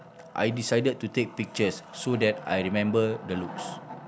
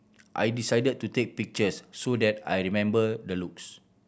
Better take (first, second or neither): second